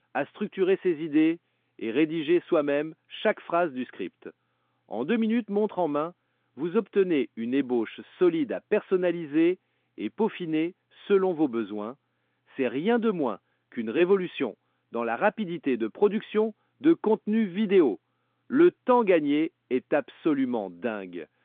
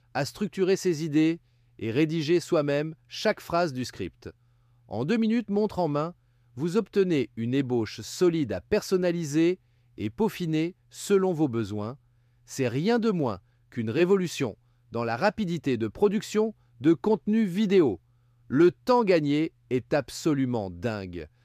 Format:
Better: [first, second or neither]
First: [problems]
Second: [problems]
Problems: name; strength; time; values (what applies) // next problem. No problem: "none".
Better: second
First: phone-call audio; nothing above 3.5 kHz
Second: none